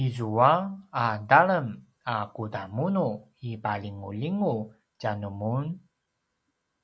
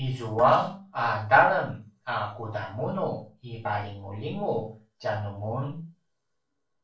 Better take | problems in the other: first | noise reduction (neural separator model SepFormer DNS4)

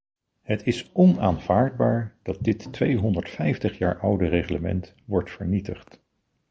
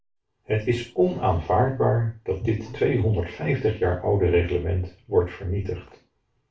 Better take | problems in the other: first | room echo; dies away in 0.3 s

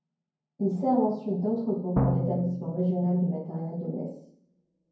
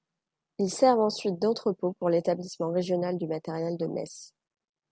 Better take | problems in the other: second | background sound (Drum); 1 dB below the speech // room echo; dies away in 0.9 s

